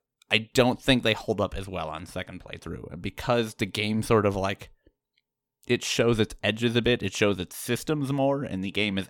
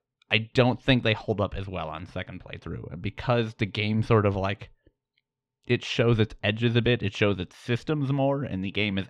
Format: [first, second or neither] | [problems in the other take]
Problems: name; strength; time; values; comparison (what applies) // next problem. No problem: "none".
first | muffled; very slightly; fading above 3 kHz